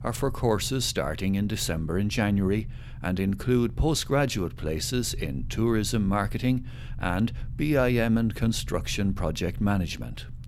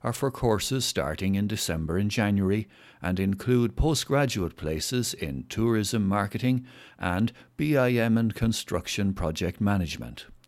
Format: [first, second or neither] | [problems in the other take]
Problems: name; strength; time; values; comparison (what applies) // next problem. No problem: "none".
second | low rumble; faint; throughout; 25 dB below the speech